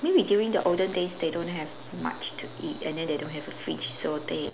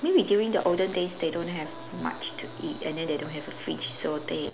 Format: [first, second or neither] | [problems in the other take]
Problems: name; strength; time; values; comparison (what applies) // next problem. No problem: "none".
first | background sound (Electric guitar); 20 dB below the speech